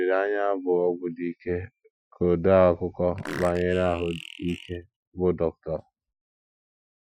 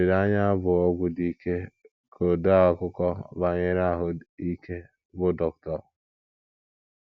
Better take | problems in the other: second | noise reduction (classical method Wiener filter)

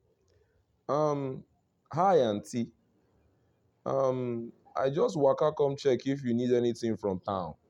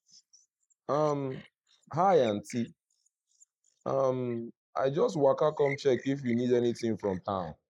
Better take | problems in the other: first | noise reduction (neural mask model Resemble Enhance denoiser)

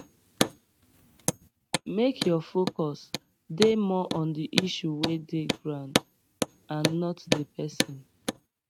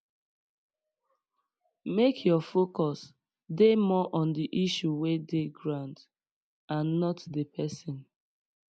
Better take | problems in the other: second | noise reduction (neural mask model RNNoise)

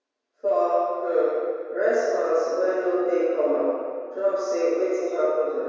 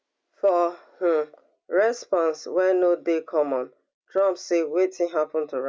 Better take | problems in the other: second | room echo; dies away in 1.9 s

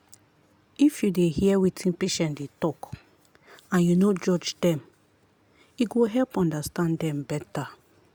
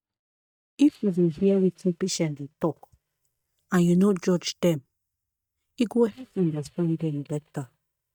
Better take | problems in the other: first | noise reduction (neural mask model DeepFilterNet 3)

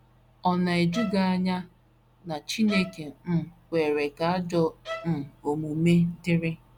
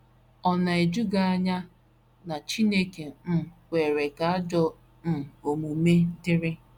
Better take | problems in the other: second | background sound (Bowed string instrument); 13 dB below the speech

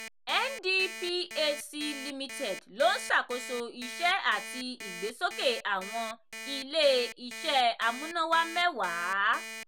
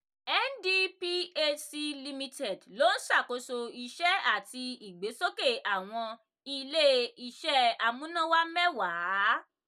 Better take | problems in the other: second | background sound (Alarm); 12 dB below the speech

